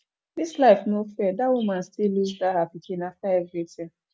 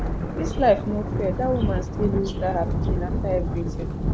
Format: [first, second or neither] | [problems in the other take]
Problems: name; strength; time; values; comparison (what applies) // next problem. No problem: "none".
first | background sound (Thunder); 1 dB above the speech